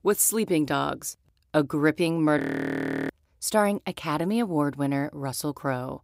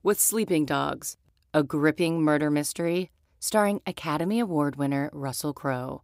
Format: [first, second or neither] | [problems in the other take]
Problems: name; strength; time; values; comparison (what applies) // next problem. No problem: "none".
second | audio freezing; at 2.5 s for 0.5 s